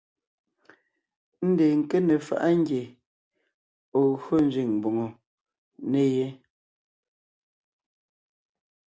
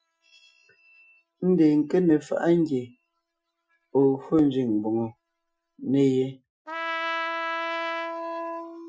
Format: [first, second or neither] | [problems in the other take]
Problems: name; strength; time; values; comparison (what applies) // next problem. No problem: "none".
first | noise reduction (classical method Wiener filter)